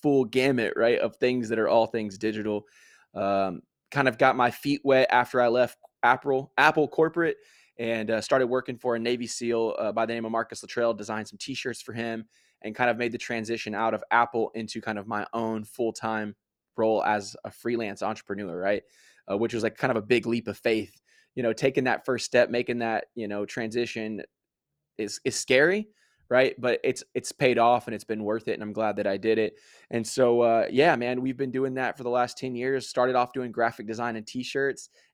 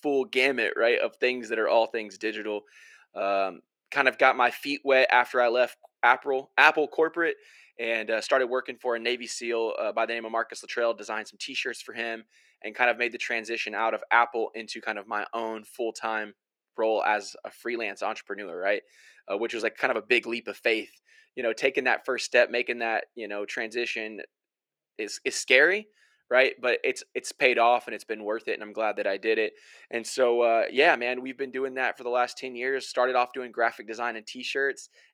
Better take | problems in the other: first | thin; somewhat; fading below 400 Hz

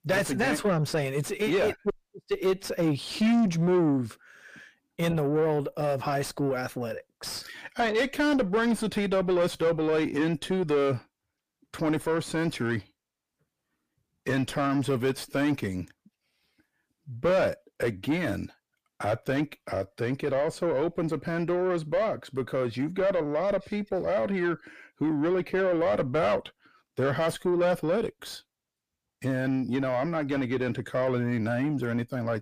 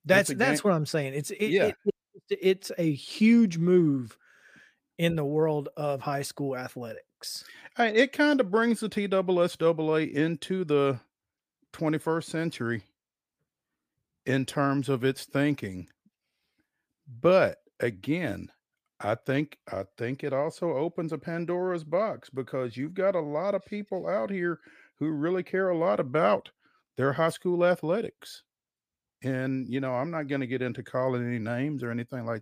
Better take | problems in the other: second | distortion; heavy; 7 dB below the speech

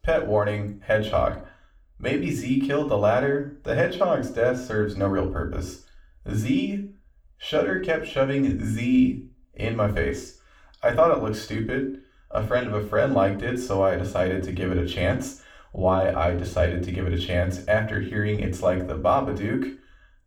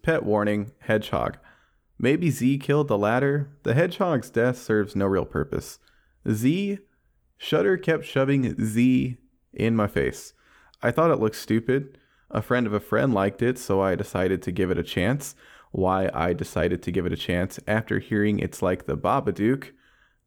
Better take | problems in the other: second | room echo; slight; dies away in 0.4 s // off-mic speech; far

